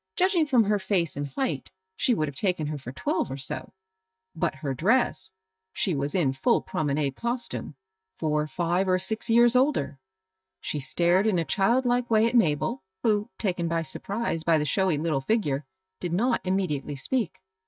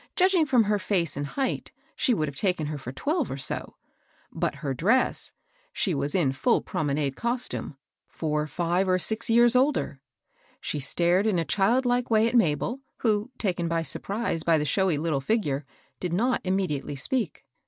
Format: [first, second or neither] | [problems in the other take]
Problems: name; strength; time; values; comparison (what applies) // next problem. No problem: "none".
second | noise reduction (neural mask model DeepFilterNet 3)